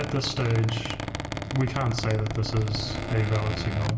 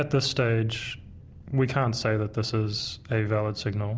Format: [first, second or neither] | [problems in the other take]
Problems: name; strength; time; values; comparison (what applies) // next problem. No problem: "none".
second | background sound (Squeak); 5 dB below the speech // room echo; dies away in 0.9 s